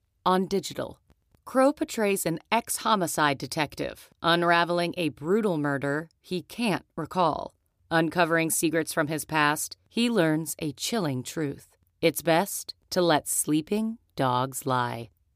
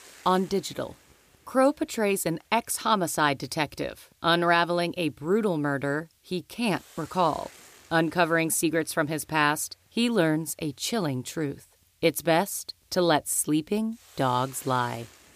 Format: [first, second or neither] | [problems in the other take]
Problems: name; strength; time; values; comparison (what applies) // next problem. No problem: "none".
first | hiss; faint; throughout; 30 dB below the speech